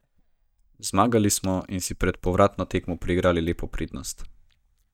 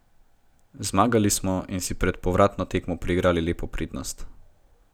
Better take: second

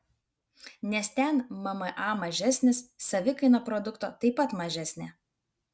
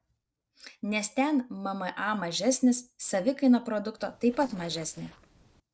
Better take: first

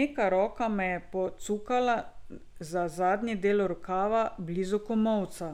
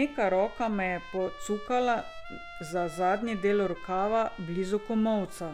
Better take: first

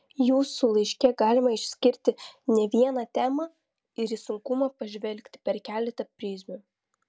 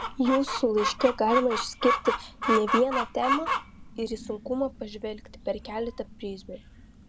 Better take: first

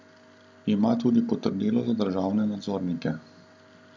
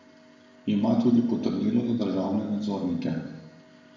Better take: first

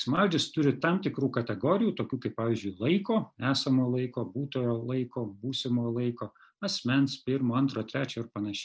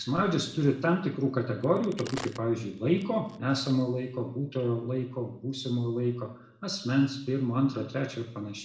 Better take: first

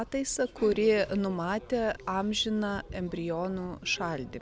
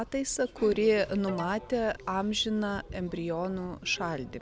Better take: first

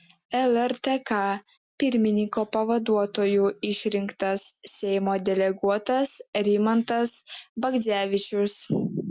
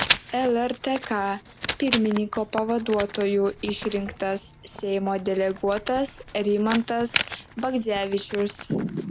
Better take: first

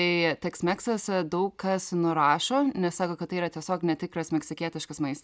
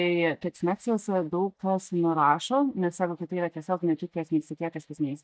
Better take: first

